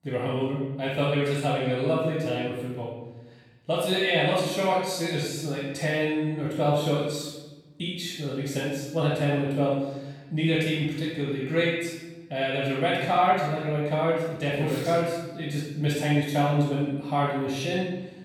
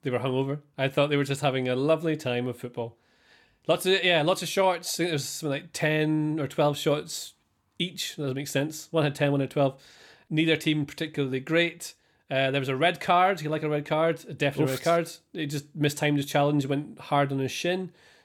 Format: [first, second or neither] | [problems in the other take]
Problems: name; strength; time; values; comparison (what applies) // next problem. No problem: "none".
second | room echo; strong; dies away in 1 s // off-mic speech; far